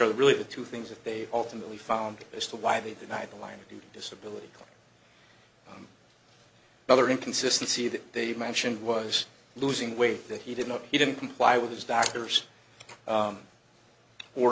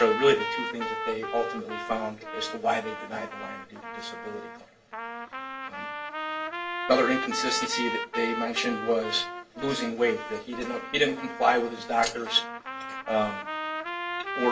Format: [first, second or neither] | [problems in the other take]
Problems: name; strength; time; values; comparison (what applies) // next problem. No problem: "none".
first | background sound (Trumpet); 6 dB below the speech // room echo; dies away in 0.1 s